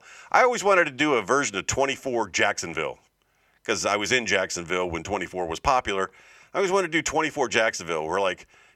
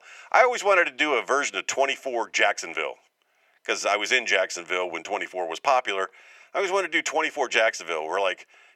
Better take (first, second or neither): first